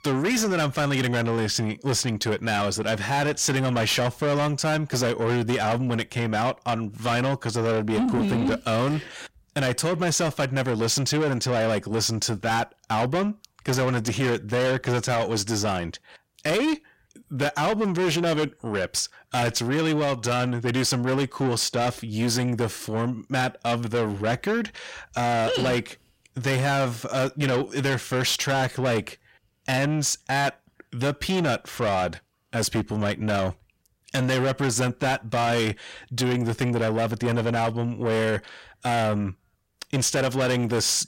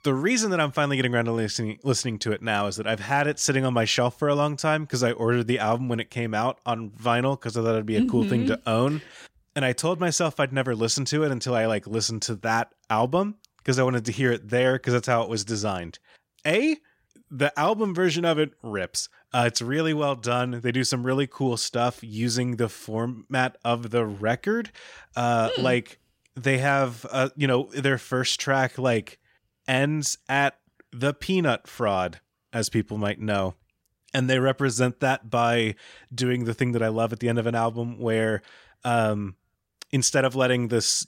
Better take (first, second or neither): second